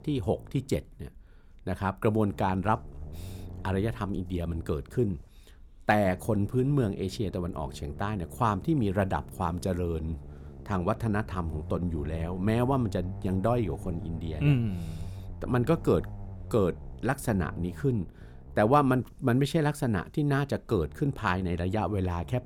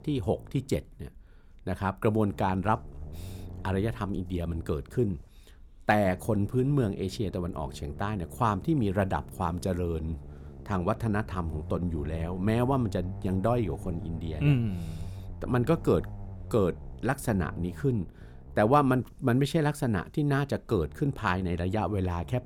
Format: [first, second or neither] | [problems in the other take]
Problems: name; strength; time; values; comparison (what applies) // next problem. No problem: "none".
neither | low rumble; faint; throughout; 20 dB below the speech; the same in both